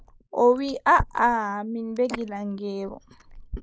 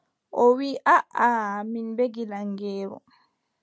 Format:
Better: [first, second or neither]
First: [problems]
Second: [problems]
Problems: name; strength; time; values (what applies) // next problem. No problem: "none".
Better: second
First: noise reduction (neural mask model Resemble Enhance denoiser)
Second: none